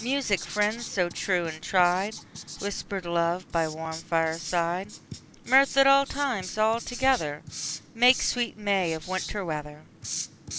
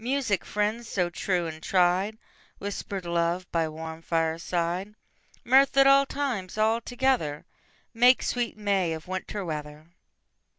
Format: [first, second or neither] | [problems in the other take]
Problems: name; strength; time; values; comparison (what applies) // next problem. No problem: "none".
second | background sound (Writing); 13 dB below the speech